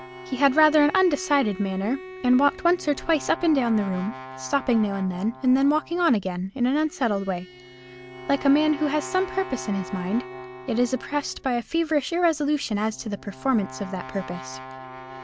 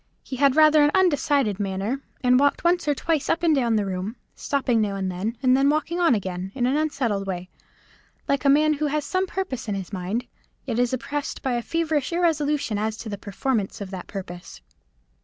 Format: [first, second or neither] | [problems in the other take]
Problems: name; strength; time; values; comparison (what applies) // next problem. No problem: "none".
second | background sound (Bowed string instrument + Brass instrument); 15 dB below the speech